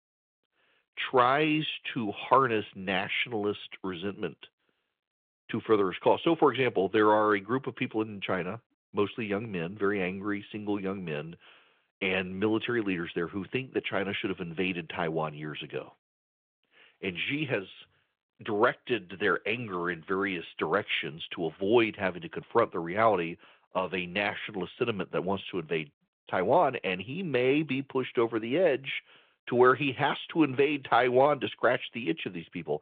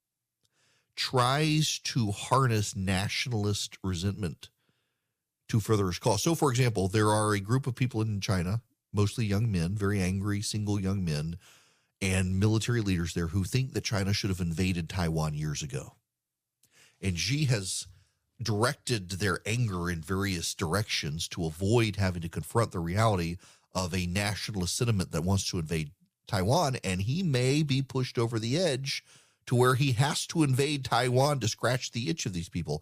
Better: second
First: phone-call audio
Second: none

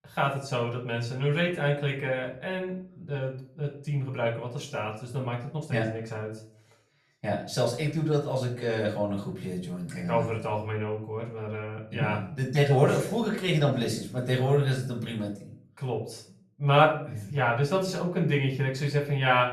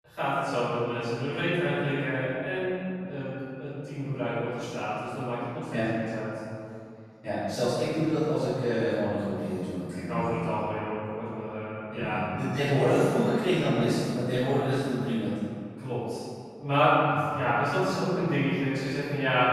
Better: first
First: room echo; slight; dies away in 0.4 s // off-mic speech; far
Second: room echo; strong; dies away in 2.3 s // off-mic speech; far

